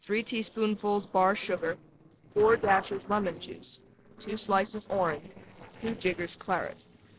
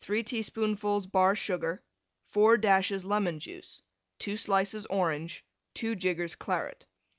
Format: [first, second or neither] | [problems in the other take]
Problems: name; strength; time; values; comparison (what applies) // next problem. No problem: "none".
second | noise reduction (neural separator model SepFormer DNS4)